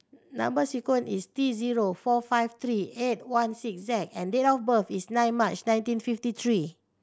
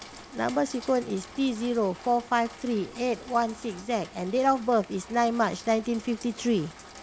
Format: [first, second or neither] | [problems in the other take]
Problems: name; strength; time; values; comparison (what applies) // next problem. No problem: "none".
first | background sound (Rain); 18 dB below the speech